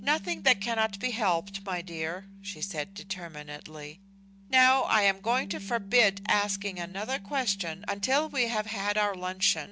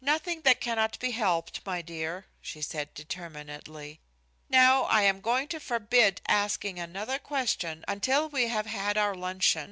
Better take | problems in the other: second | background sound (Bass guitar); 16 dB below the speech

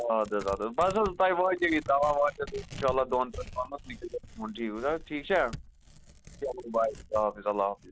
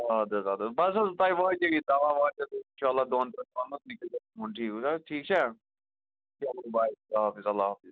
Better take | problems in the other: second | background sound (Tearing); 16 dB below the speech

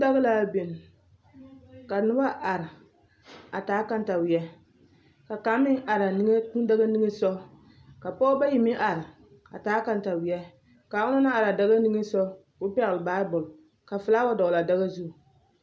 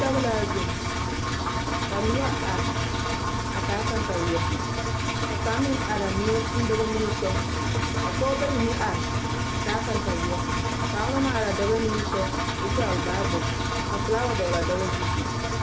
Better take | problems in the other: first | background sound (Engine); 3 dB above the speech

